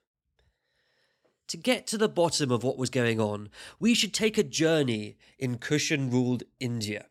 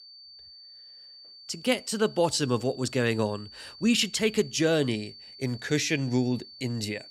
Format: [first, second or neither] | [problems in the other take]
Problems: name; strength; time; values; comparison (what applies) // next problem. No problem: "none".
first | high-pitched whine; noticeable; throughout; 4.5 kHz, 20 dB below the speech